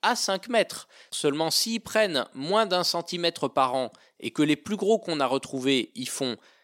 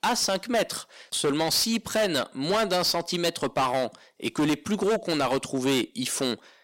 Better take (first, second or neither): first